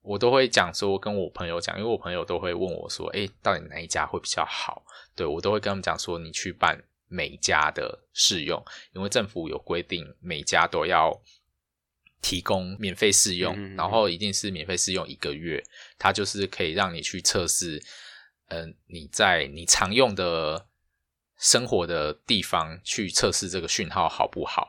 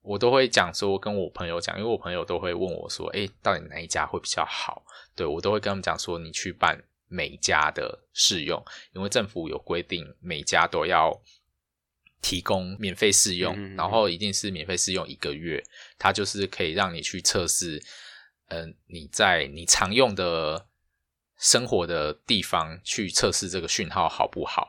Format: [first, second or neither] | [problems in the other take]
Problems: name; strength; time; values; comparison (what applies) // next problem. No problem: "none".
neither | none